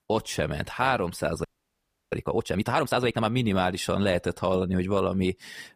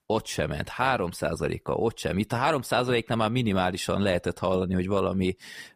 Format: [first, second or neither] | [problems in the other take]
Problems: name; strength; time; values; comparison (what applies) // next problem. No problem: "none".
second | audio freezing; at 1.5 s for 0.5 s